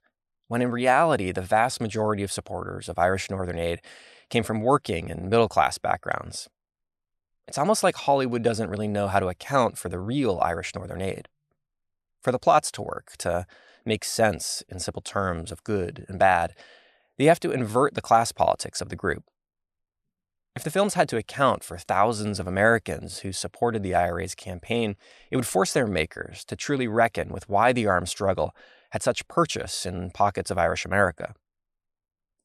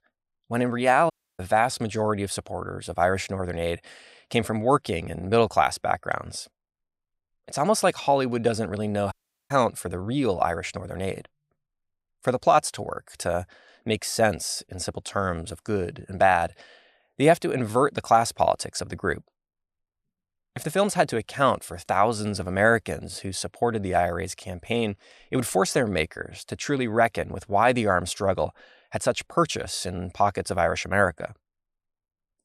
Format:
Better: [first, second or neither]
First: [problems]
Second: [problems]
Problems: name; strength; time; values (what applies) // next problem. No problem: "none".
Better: first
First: none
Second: audio cutting out; at 1 s and at 9 s